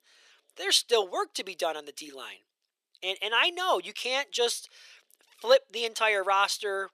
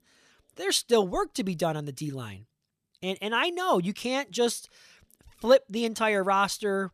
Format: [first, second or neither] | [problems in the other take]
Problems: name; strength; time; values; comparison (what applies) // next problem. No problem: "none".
second | thin; very; fading below 400 Hz